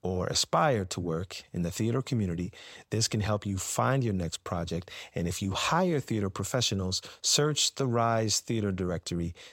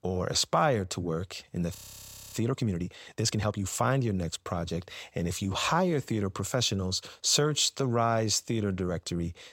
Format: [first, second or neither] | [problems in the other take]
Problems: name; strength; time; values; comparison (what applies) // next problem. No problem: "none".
first | audio freezing; at 2 s for 0.5 s